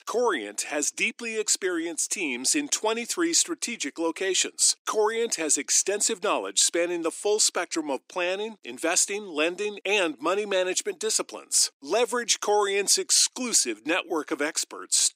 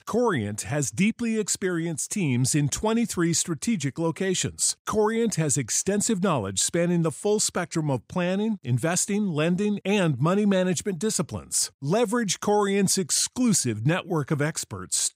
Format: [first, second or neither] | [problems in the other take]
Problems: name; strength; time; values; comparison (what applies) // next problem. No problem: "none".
second | thin; somewhat; fading below 300 Hz